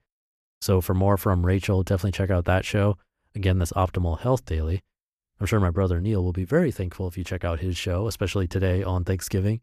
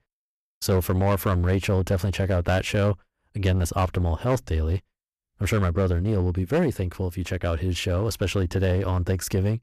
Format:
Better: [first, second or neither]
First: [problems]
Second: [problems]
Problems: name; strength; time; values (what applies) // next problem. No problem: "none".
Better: first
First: none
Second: distortion; slight; 9% of the sound clipped